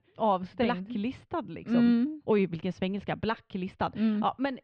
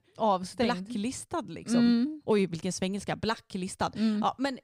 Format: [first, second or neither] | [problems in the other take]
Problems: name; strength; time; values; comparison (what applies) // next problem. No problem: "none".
second | muffled; slightly; fading above 3 kHz